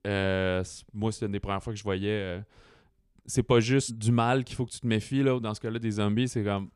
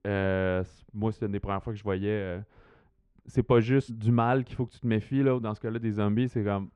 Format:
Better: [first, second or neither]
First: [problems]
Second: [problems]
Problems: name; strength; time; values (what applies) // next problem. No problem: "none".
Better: first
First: none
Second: muffled; very; fading above 4 kHz